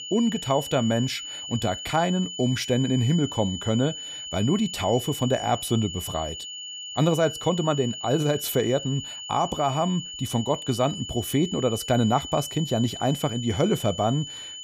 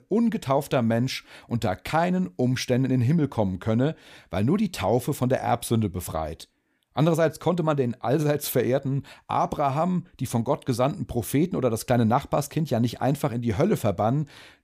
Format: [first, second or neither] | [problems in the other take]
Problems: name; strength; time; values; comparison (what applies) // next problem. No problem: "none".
second | high-pitched whine; loud; throughout; 3 kHz, 8 dB below the speech